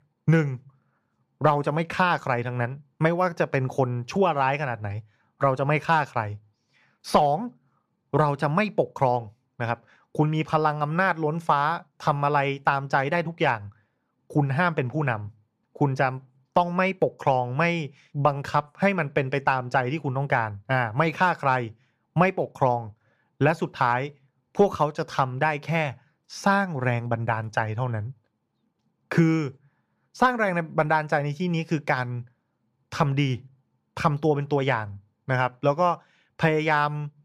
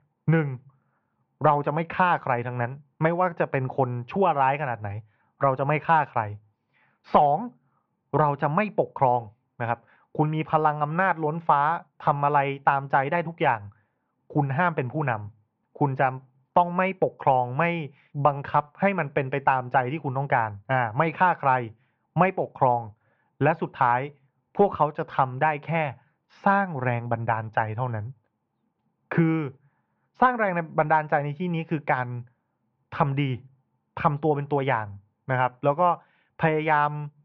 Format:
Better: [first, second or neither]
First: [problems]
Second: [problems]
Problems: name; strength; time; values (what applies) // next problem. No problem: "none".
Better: first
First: none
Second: muffled; very; fading above 3 kHz